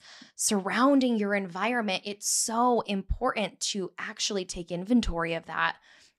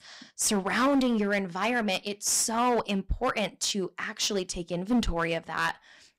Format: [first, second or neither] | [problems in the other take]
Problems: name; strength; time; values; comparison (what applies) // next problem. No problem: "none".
first | distortion; slight; 8% of the sound clipped